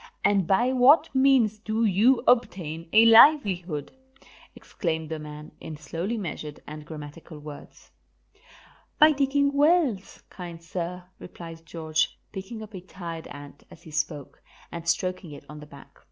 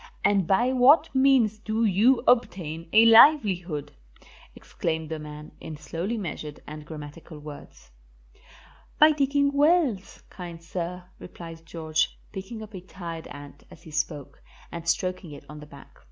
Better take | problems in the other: second | noise reduction (neural separator model SepFormer DNS4)

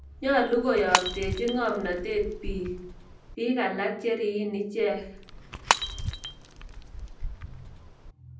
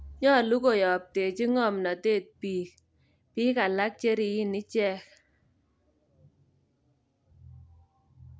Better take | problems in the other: second | background sound (Shatter / Crushing); 4 dB below the speech // room echo; dies away in 0.6 s

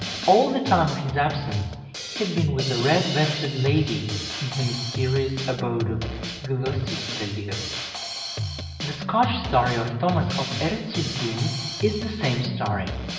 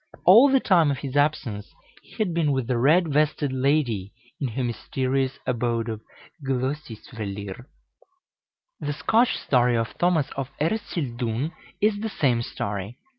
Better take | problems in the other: second | background sound (Drum kit); 6 dB below the speech // room echo; dies away in 1.2 s

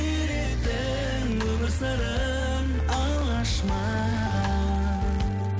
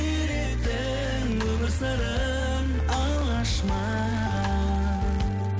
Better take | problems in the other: second | background sound (Breathing); 17 dB below the speech

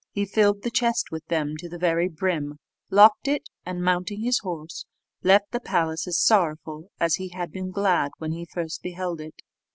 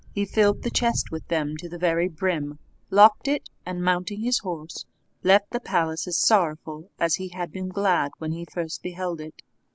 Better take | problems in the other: first | background sound (Walk, footsteps); 20 dB below the speech

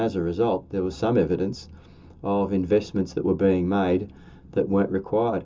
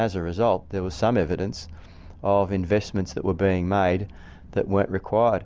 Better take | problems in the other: second | room echo; dies away in 0.2 s

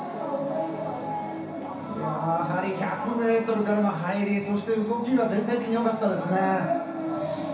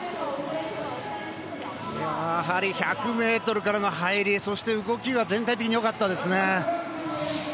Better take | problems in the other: second | room echo; dies away in 0.7 s

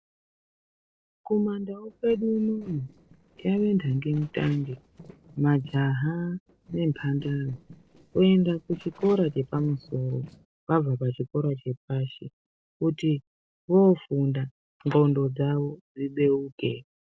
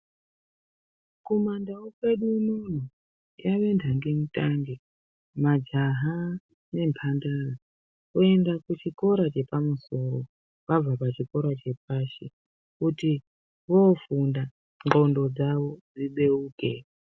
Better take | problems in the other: second | noise reduction (neural separator model SepFormer DNS4)

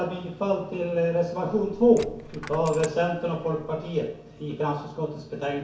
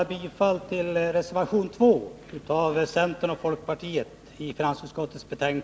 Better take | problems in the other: second | background sound (Coin (dropping)); 18 dB below the speech // room echo; dies away in 0.6 s

